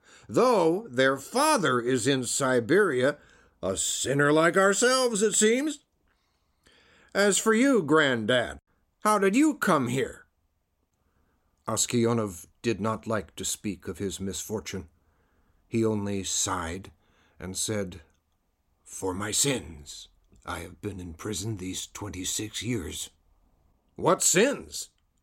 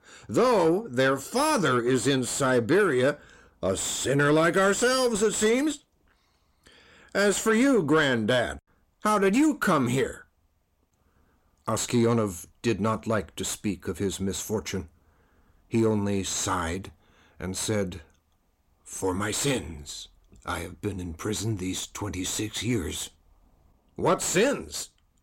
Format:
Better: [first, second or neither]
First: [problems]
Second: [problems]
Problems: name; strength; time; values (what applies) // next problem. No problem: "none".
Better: first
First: none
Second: distortion; slight; 10 dB below the speech